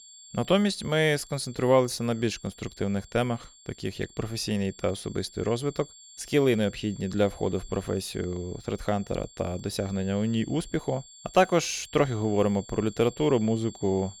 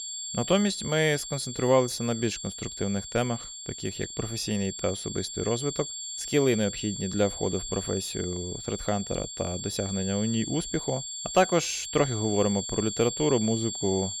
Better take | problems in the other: first | high-pitched whine; loud; throughout; 7.5 kHz, 6 dB below the speech; faint in the first

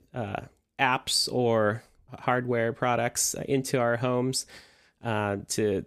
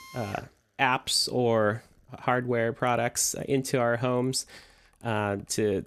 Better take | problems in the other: first | machinery noise; faint; throughout; 30 dB below the speech

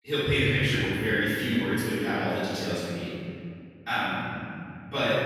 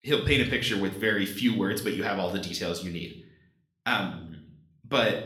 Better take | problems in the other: second | room echo; strong; dies away in 2.3 s; slight in the second // off-mic speech; far

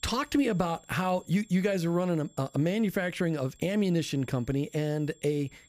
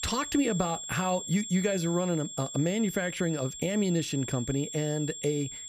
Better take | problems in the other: first | high-pitched whine; loud; throughout; 7.5 kHz, 8 dB below the speech; faint in the first

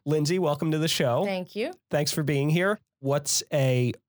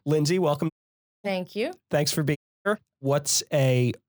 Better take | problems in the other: first | audio cutting out; at 0.5 s for 0.5 s and at 2.5 s

